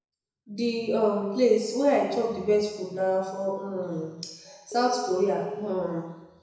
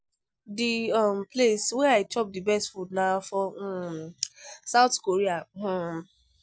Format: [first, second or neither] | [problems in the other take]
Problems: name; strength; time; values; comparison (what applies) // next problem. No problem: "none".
second | background sound (Telephone); 10 dB below the speech // room echo; dies away in 0.9 s